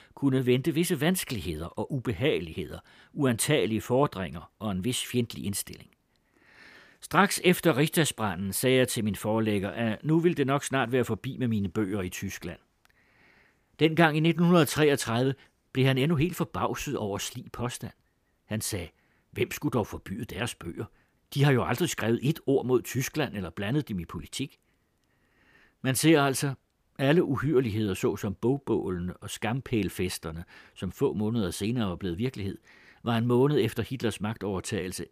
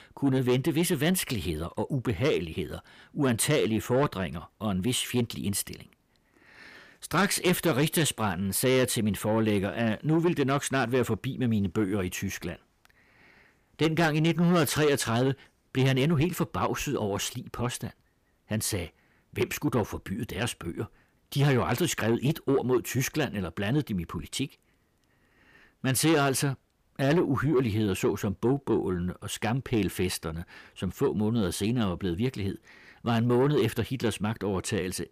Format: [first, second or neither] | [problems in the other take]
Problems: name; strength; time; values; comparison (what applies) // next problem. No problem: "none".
first | distortion; slight; 10 dB below the speech